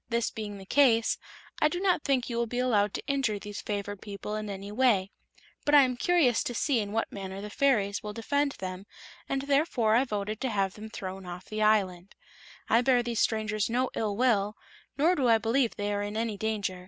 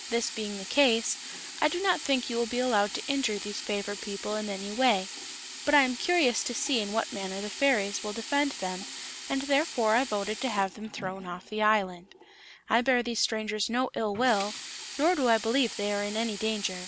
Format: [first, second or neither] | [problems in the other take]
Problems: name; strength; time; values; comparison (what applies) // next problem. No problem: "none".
first | background sound (Sink (filling or washing)); 12 dB below the speech